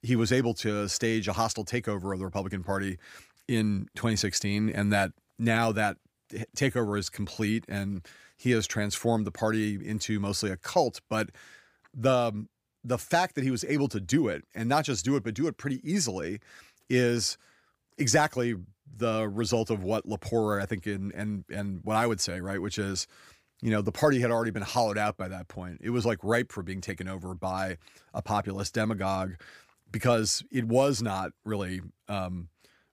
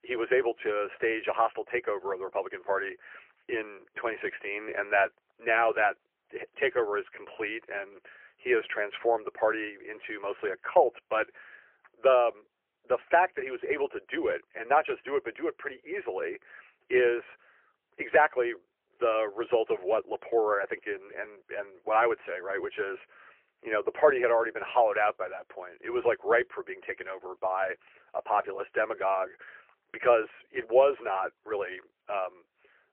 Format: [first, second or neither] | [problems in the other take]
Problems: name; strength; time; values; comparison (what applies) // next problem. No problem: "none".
first | phone-call audio; poor line; nothing above 3 kHz